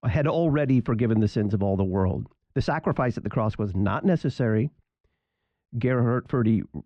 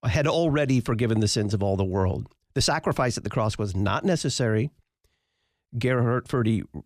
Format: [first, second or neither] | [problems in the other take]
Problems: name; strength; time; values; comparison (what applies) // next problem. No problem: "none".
second | muffled; very; fading above 2 kHz